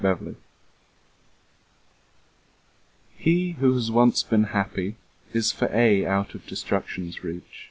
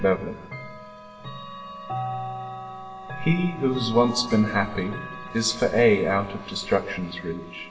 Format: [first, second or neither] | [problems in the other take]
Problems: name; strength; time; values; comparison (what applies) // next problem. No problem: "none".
first | background sound (Chime / Clock); 11 dB below the speech // room echo; dies away in 1.2 s